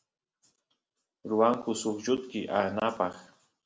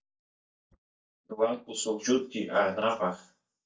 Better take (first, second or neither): first